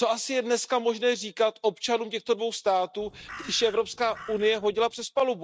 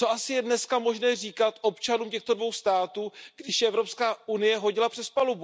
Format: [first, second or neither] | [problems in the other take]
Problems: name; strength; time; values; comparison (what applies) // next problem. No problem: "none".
second | noise reduction (neural mask model RNNoise)